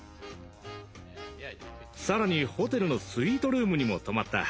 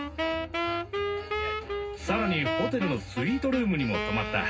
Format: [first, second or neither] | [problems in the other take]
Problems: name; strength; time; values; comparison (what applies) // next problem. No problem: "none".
first | background sound (Wind instrument, woodwind instrument); 2 dB below the speech // room echo; dies away in 0.4 s